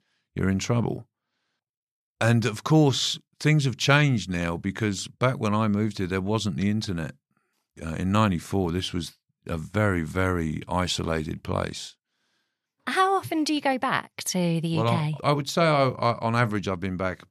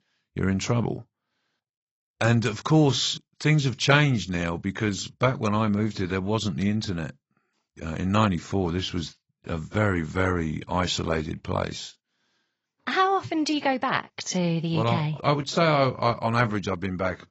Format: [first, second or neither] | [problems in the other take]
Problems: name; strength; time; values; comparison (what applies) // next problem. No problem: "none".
first | garbled, watery; badly; nothing above 7.5 kHz